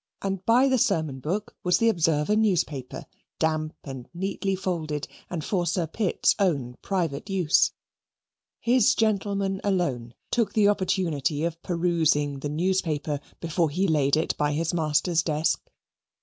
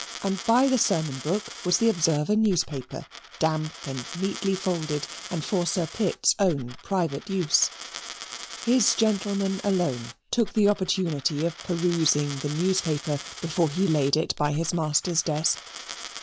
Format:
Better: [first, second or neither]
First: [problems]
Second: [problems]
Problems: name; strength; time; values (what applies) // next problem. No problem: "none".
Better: first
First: none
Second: background sound (Coin (dropping)); 14 dB below the speech